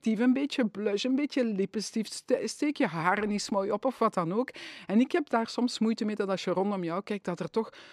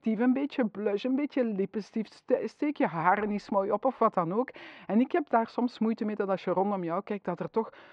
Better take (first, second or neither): first